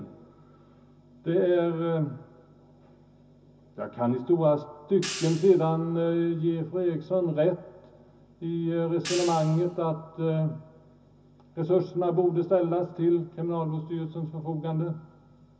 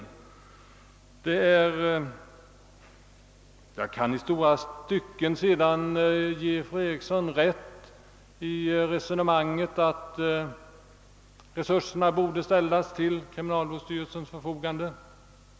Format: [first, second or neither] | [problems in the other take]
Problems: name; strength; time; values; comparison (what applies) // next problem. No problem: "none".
second | background sound (Hi-hat); 13 dB below the speech // room echo; dies away in 0.4 s